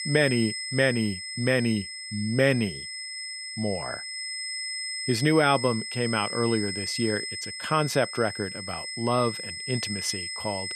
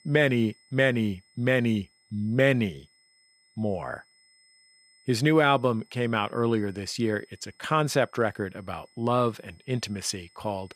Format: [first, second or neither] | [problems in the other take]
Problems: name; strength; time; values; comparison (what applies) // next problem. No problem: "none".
second | high-pitched whine; loud; throughout; 5 kHz, 6 dB below the speech; faint in the second